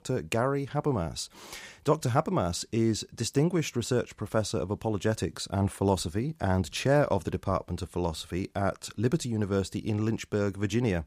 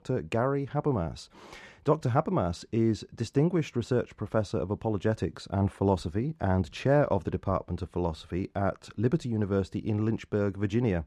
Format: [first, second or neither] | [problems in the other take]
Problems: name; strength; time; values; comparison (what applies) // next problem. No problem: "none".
first | muffled; slightly; fading above 1.5 kHz